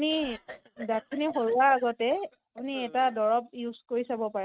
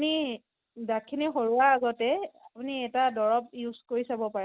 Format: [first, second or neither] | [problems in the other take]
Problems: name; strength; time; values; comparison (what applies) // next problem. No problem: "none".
second | noise reduction (neural mask model RNNoise)